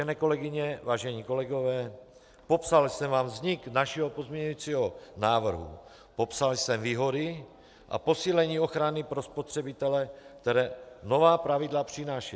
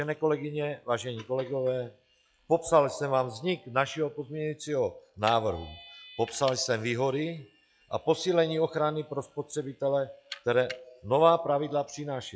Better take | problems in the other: first | noise reduction (classical method log-MMSE)

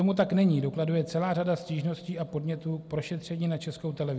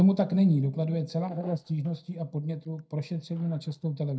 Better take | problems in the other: first | noise reduction (neural mask model DeepFilterNet 3)

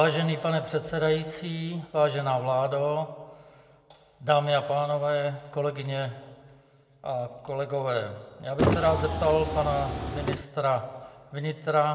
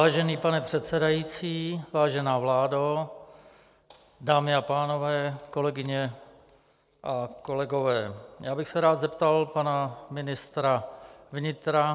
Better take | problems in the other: second | background sound (Car); as loud as the speech // room echo; dies away in 1.3 s

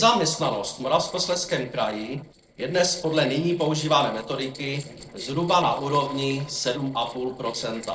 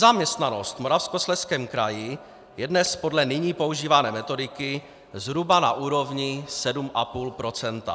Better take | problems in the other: second | noise reduction (neural separator model SepFormer DNS4)

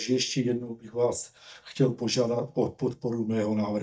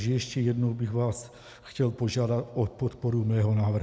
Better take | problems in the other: second | noise reduction (neural mask model DeepFilterNet 3)

